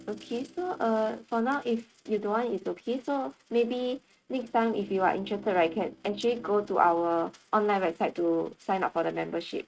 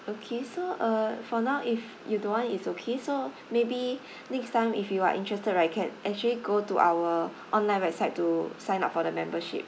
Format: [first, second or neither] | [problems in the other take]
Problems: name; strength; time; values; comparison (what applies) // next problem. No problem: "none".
second | noise reduction (neural mask model RNNoise)